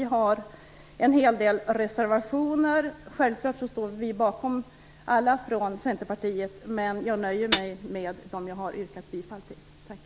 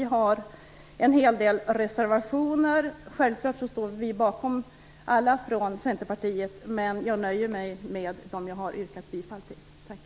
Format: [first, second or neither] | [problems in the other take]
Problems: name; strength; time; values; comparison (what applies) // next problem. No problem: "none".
second | background sound (Hi-hat); 6 dB below the speech